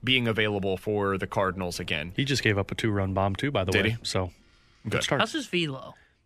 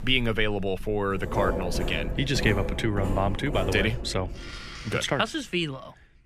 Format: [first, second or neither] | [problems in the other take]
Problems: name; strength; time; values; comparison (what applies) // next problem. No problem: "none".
first | household noises; loud; until 4.5 s; 6 dB below the speech; faint in the first